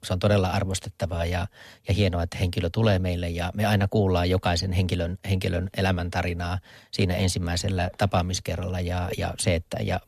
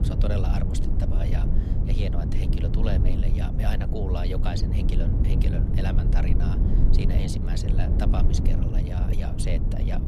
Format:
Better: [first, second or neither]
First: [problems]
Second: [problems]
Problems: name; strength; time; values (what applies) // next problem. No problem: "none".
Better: first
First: none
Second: low rumble; loud; throughout; 1 dB below the speech